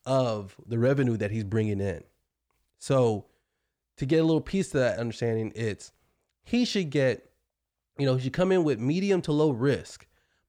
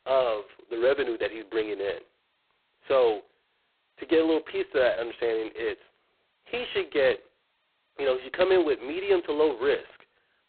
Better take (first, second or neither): first